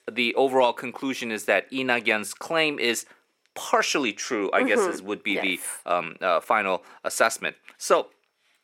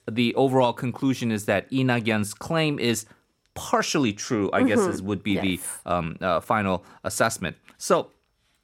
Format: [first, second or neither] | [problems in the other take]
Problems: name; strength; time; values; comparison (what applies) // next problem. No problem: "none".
second | thin; somewhat; fading below 400 Hz